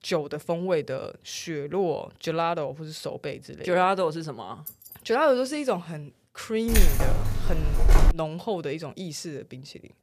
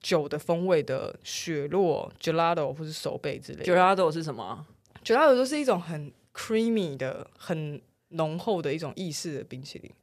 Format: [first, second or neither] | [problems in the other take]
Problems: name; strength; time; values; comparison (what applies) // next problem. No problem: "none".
second | jangling keys; faint; at 4.5 s; peak 10 dB below the speech // jangling keys; loud; from 6.5 to 8 s; peak 6 dB above the speech